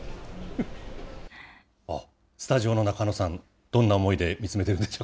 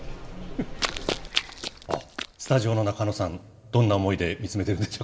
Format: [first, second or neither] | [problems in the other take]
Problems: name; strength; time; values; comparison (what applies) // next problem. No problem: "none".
first | background sound (Run); 6 dB below the speech // room echo; dies away in 2 s